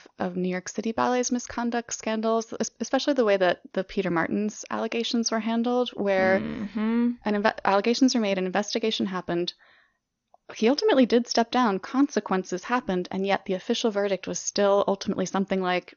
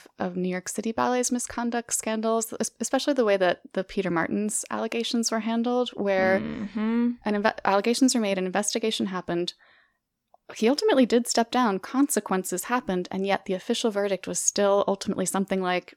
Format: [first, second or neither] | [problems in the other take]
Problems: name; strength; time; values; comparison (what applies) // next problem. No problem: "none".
second | garbled, watery; slightly; nothing above 6.5 kHz